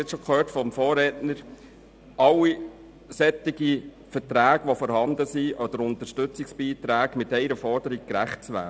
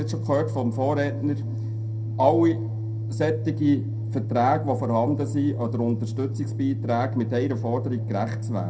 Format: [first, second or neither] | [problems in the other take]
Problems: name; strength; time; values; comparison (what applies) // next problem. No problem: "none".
first | background sound (Organ); 3 dB below the speech // room echo; dies away in 0.2 s